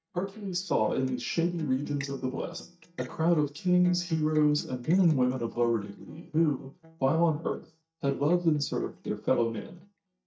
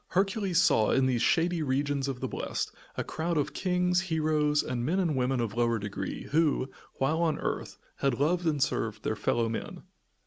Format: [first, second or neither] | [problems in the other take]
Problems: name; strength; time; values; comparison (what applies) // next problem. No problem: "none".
second | noise reduction (neural mask model DeepFilterNet 3)